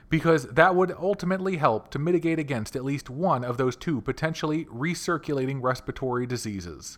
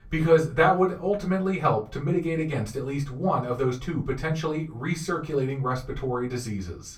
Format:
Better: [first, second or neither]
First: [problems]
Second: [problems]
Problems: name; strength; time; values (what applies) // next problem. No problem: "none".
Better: first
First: none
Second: off-mic speech; far // room echo; very slight; dies away in 0.2 s